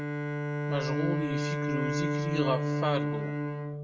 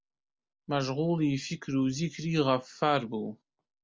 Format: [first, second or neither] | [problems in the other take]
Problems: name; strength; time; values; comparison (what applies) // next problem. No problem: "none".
second | background sound (Bowed string instrument); 4 dB above the speech // room echo; dies away in 0.9 s